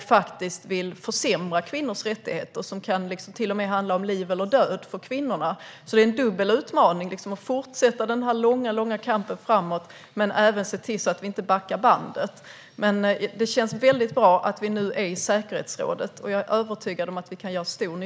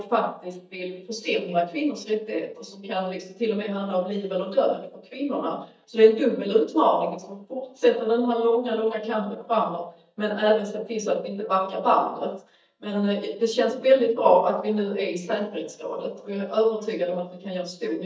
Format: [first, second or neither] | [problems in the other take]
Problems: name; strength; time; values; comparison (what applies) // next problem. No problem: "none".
first | noise reduction (neural mask model DeepFilterNet 3)